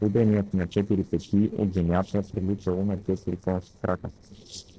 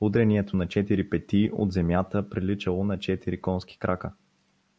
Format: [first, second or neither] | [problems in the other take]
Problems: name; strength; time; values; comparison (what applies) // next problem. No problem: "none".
second | noise reduction (neural separator model SepFormer DNS4)